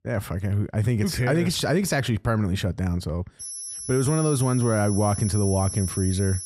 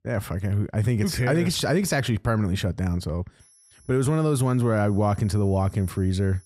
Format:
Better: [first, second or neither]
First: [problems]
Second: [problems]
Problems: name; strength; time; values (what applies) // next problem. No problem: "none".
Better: second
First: high-pitched whine; loud; from 3.5 s on; 11 kHz, 8 dB below the speech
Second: high-pitched whine; faint; from 3.5 s on; 11 kHz, 30 dB below the speech